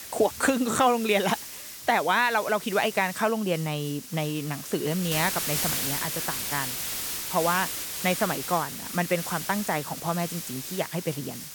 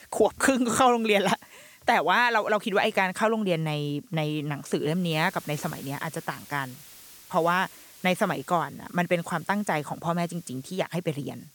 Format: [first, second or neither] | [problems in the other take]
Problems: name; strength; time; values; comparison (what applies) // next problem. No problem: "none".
second | hiss; loud; throughout; 5 dB below the speech; faint in the second